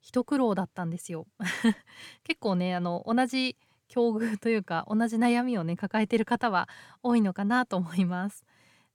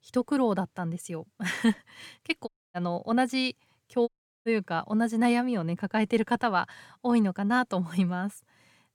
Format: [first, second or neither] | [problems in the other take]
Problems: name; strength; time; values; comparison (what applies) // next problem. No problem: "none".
first | audio cutting out; at 2.5 s and at 4 s